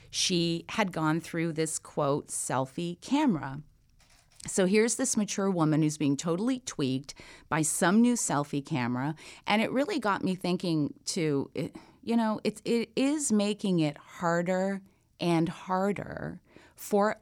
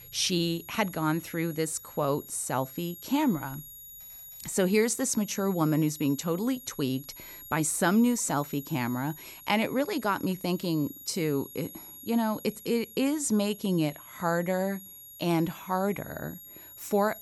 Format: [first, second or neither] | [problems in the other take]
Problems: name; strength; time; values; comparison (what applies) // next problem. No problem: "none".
first | high-pitched whine; noticeable; throughout; 11.5 kHz, 15 dB below the speech